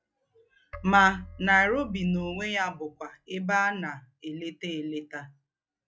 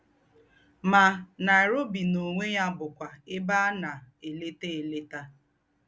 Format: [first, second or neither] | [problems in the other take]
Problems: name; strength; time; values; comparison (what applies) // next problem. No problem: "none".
second | noise reduction (classical method log-MMSE)